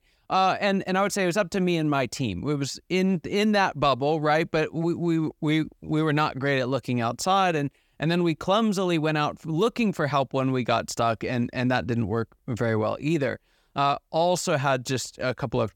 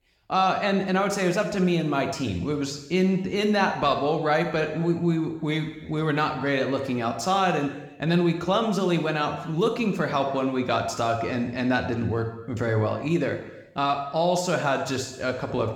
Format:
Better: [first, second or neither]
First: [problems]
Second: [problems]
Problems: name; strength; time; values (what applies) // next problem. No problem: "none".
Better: first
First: none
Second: room echo; slight; dies away in 1 s